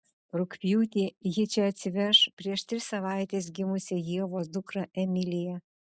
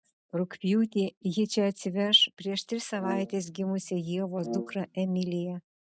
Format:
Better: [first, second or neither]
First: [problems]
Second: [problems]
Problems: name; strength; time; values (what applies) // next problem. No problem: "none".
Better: first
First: none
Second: noise reduction (neural mask model RNNoise)